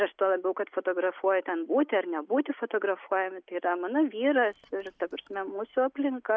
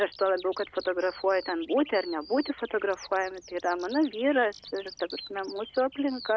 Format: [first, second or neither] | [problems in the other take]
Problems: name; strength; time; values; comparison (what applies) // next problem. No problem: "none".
first | background sound (Bird vocalization, bird call, bird song); 18 dB below the speech